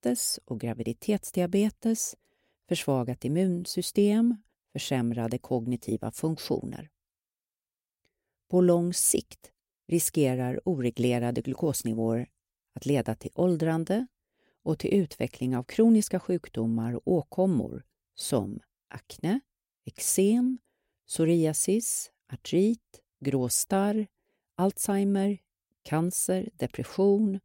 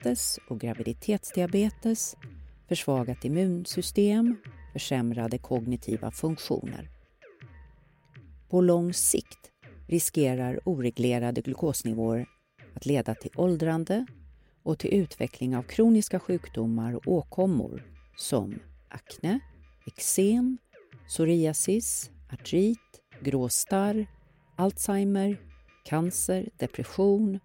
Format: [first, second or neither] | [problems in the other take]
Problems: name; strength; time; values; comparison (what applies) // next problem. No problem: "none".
first | background music; faint; throughout; 25 dB below the speech